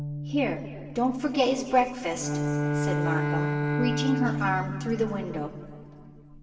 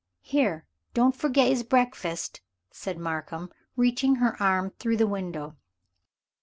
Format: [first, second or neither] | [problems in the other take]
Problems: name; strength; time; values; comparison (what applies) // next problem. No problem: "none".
second | background sound (Bowed string instrument); 2 dB below the speech // room echo; dies away in 2.2 s